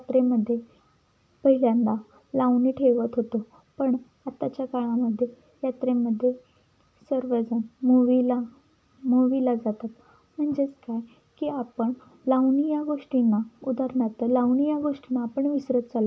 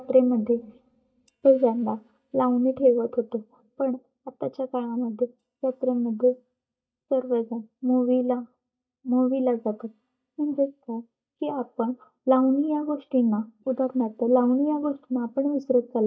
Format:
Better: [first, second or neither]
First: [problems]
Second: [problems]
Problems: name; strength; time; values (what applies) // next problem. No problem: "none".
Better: first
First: none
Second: noise reduction (neural mask model DeepFilterNet 3)